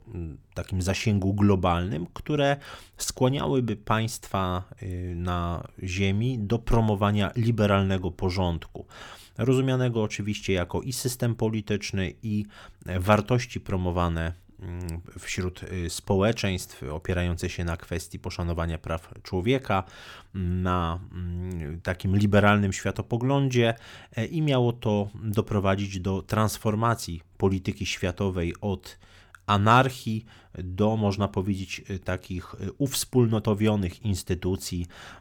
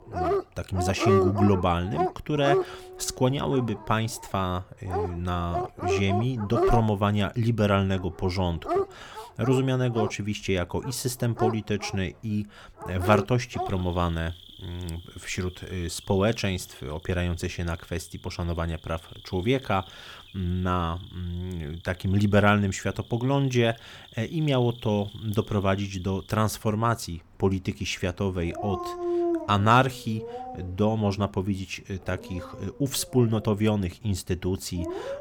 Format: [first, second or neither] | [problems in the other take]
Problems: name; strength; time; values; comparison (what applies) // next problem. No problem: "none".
first | animal sounds; loud; throughout; 5 dB below the speech